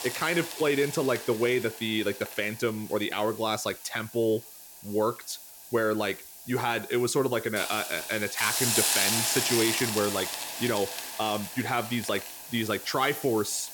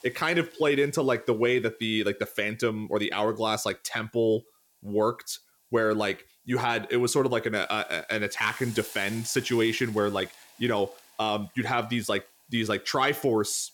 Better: second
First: hiss; loud; throughout; 2 dB below the speech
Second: hiss; faint; throughout; 20 dB below the speech

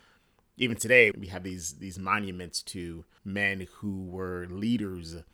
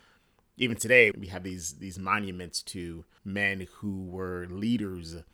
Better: neither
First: none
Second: none

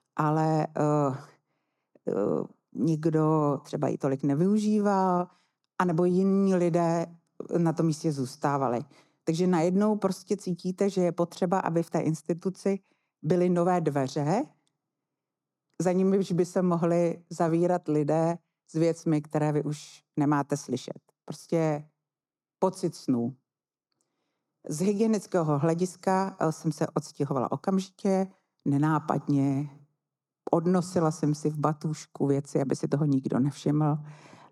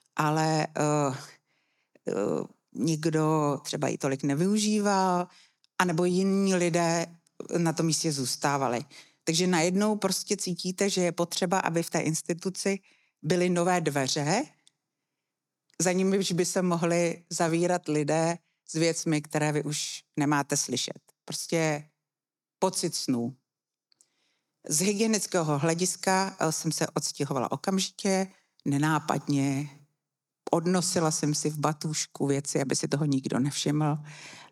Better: second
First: muffled; slightly; fading above 1.5 kHz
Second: none

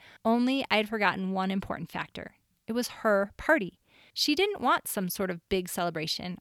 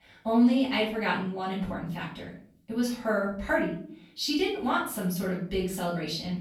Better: first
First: none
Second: off-mic speech; far // room echo; noticeable; dies away in 0.5 s

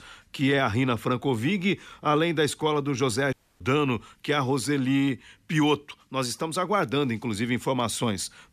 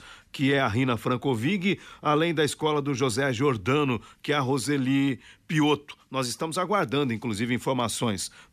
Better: second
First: audio cutting out; at 3.5 s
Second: none

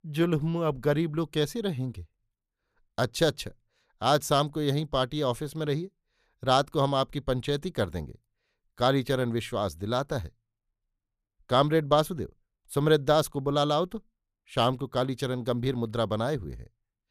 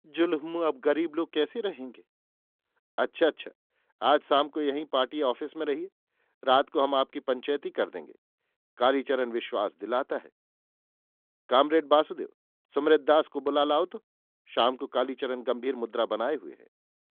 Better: first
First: none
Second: phone-call audio; nothing above 3.5 kHz

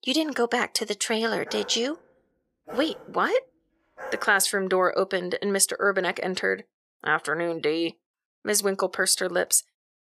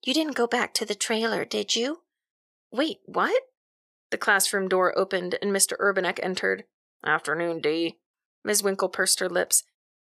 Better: second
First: dog barking; faint; from 1.5 to 4.5 s; peak 15 dB below the speech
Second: none

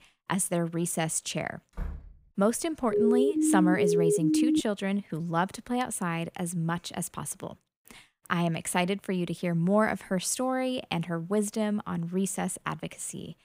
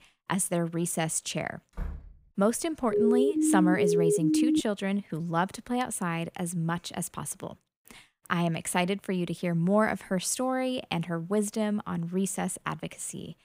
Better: neither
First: door banging; faint; at 2 s; peak 10 dB below the speech // siren; loud; from 3 to 4.5 s; peak 5 dB above the speech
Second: door banging; faint; at 2 s; peak 10 dB below the speech // siren; loud; from 3 to 4.5 s; peak 5 dB above the speech

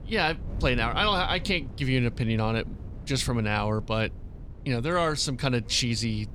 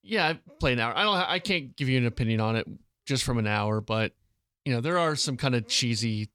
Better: second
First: wind noise on the microphone; occasional gusts; 25 dB below the speech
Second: none

